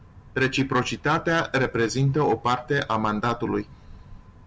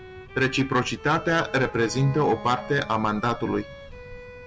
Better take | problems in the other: first | background sound (Bowed string instrument + Wind instrument, woodwind instrument); 16 dB below the speech

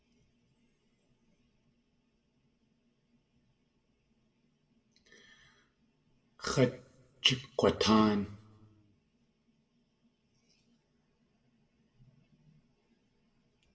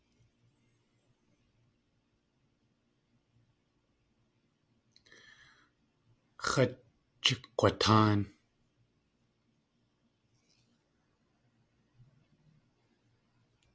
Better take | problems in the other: second | room echo; dies away in 0.6 s

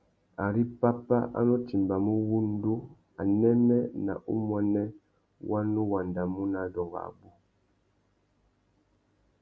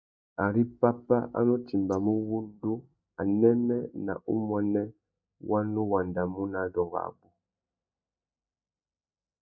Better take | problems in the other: first | noise reduction (neural mask model DeepFilterNet 3)

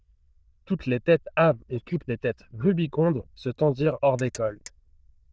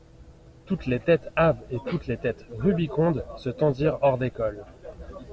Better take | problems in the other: second | noise reduction (neural diffusion model UNIVERSE++)

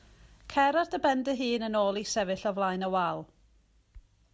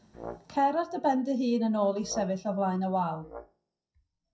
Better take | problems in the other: first | noise reduction (classical method WPE with log-MMSE)

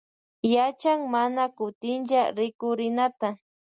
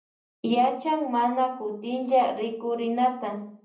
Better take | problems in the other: first | room echo; dies away in 0.6 s

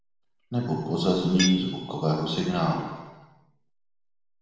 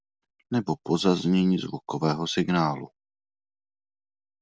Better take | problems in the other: second | background sound (Tools); 10 dB below the speech // room echo; dies away in 1.2 s

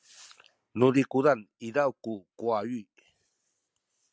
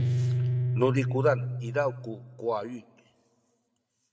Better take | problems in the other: first | background sound (Guitar); 1 dB above the speech // room echo; dies away in 1 s

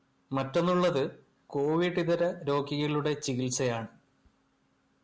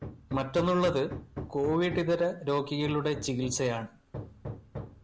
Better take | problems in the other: first | background sound (Hammer); 12 dB below the speech

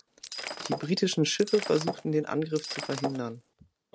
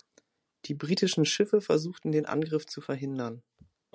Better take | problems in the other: second | background sound (Shatter); 8 dB below the speech

